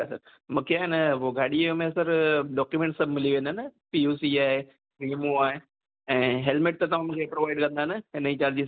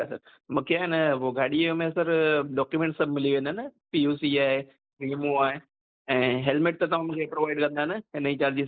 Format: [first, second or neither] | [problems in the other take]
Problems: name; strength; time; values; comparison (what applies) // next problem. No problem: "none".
first | noise reduction (neural mask model Resemble Enhance denoiser)